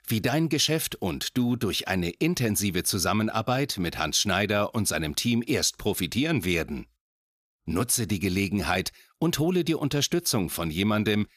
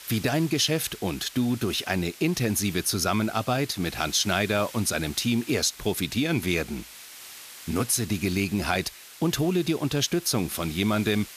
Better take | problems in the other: first | hiss; noticeable; throughout; 15 dB below the speech

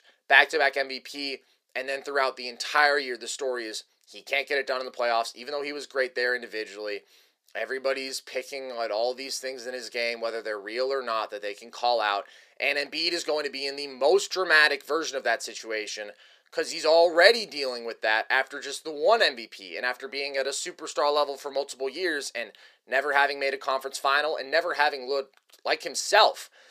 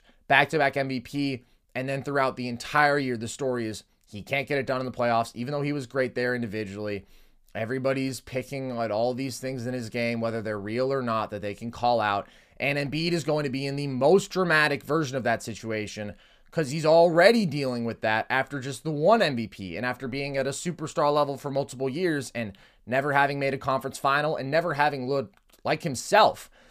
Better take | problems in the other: second | thin; very; fading below 400 Hz

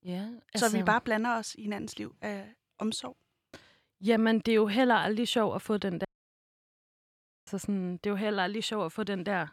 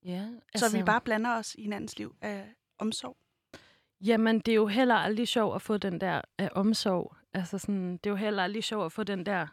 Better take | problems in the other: second | audio cutting out; at 6 s for 1.5 s

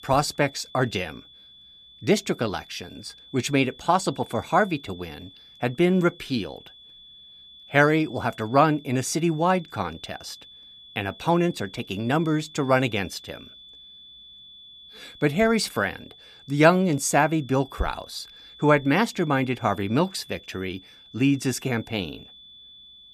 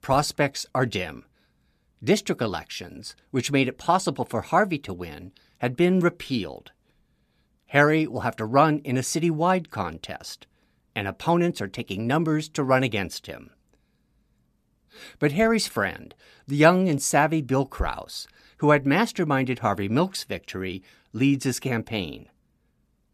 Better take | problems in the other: second | high-pitched whine; faint; throughout; 3.5 kHz, 20 dB below the speech

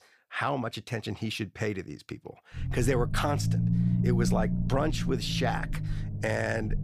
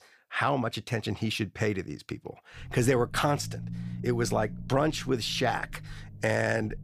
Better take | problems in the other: second | low rumble; loud; from 2.5 s on; 9 dB below the speech; faint in the second

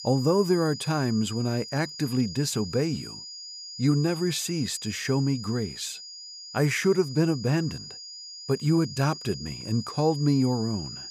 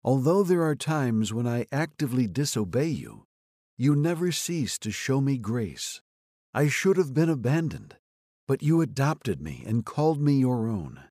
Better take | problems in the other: second | high-pitched whine; noticeable; throughout; 5 kHz, 10 dB below the speech

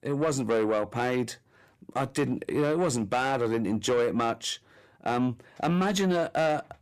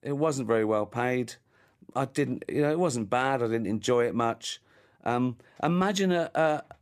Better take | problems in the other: second | distortion; slight; 10 dB below the speech

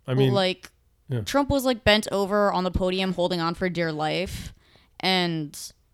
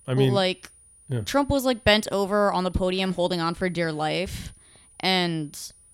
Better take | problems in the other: first | high-pitched whine; faint; throughout; 9.5 kHz, 30 dB below the speech

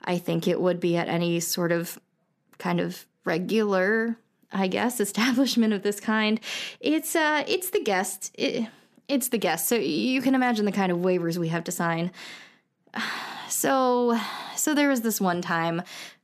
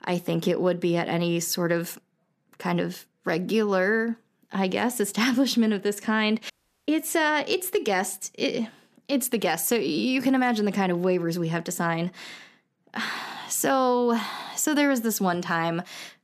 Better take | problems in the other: first | audio cutting out; at 6.5 s

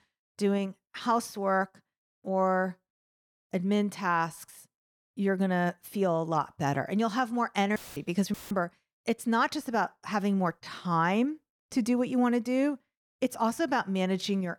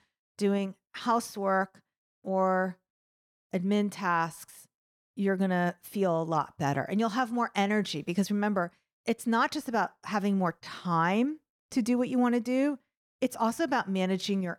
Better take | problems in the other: second | audio cutting out; filled with static; at 8 s and at 8.5 s

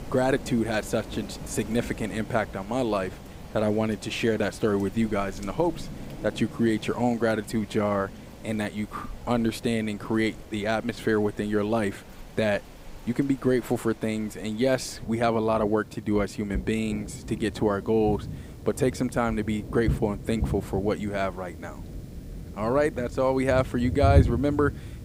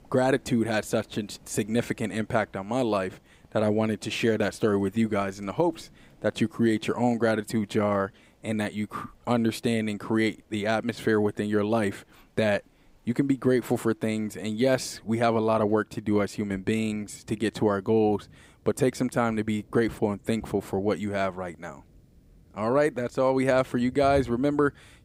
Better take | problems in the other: second | rain or running water; loud; throughout; 9 dB below the speech; faint in the second

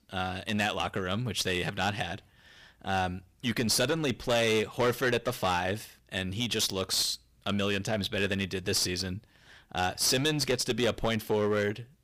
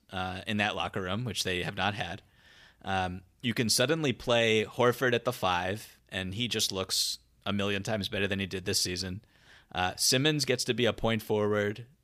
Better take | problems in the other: second | distortion; slight; 7% of the sound clipped

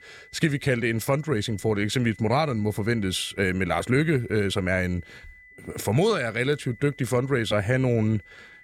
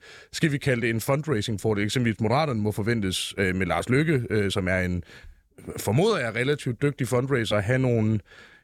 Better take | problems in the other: second | high-pitched whine; faint; throughout; 2 kHz, 25 dB below the speech

